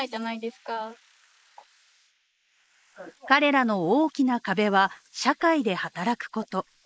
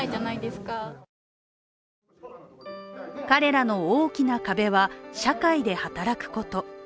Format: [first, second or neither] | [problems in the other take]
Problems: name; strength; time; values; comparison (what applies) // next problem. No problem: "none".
second | noise reduction (neural mask model Resemble Enhance denoiser)